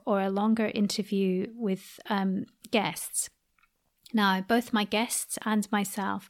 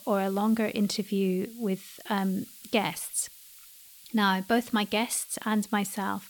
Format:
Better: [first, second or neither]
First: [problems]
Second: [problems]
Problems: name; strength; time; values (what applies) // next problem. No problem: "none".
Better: first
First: none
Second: hiss; noticeable; throughout; 20 dB below the speech